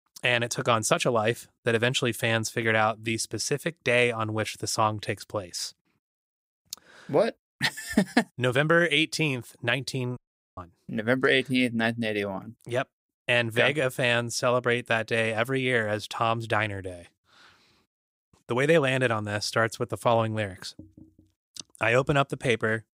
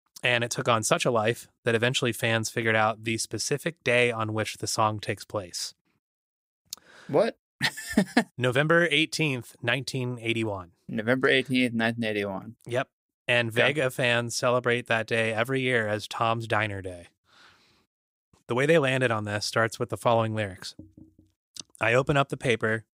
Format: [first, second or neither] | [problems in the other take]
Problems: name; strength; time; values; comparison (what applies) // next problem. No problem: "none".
second | audio cutting out; at 10 s